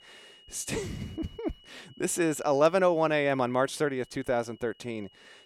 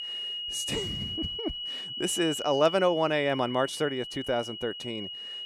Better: first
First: high-pitched whine; faint; throughout; 3 kHz, 25 dB below the speech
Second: high-pitched whine; loud; throughout; 3 kHz, 5 dB below the speech

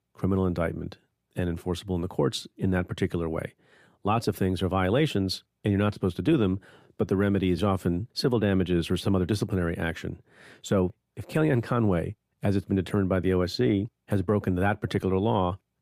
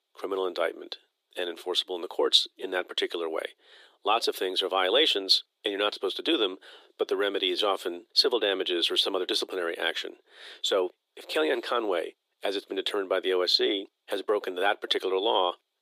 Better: first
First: none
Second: thin; very; fading below 350 Hz

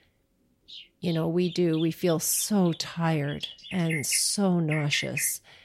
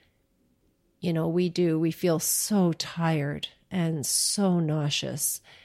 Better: second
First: animal sounds; noticeable; throughout; 10 dB below the speech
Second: none

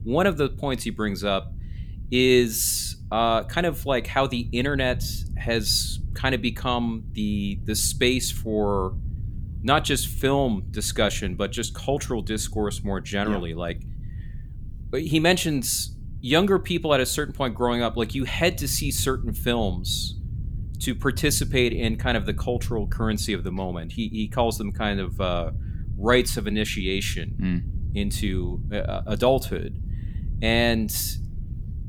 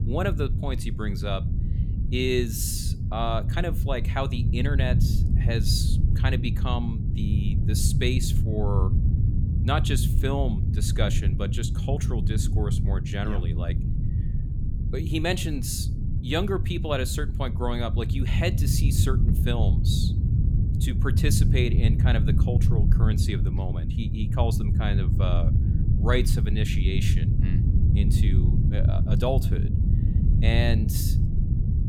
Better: first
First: low rumble; faint; throughout; 25 dB below the speech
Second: low rumble; loud; throughout; 6 dB below the speech

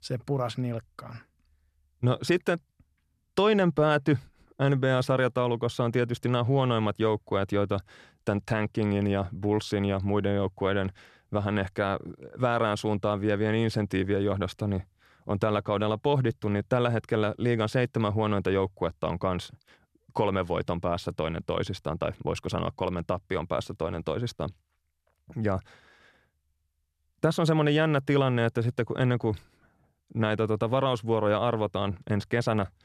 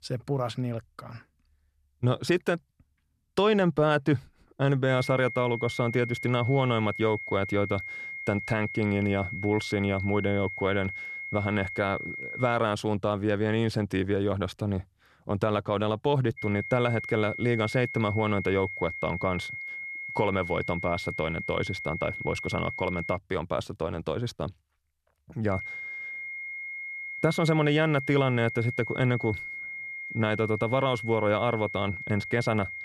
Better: first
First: none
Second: high-pitched whine; loud; from 5 to 13 s, from 16 to 23 s and from 26 s on; 2 kHz, 7 dB below the speech

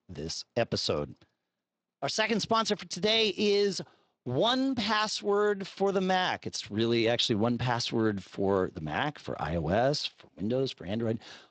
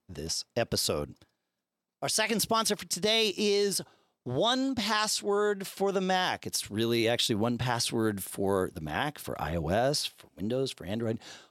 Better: second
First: garbled, watery; slightly; nothing above 8 kHz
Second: none

